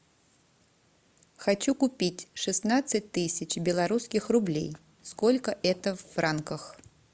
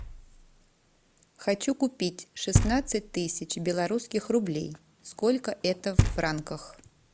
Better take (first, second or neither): first